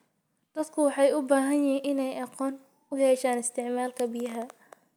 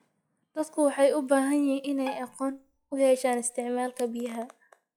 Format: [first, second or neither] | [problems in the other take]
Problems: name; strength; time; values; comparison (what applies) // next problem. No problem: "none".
first | noise reduction (classical method log-MMSE)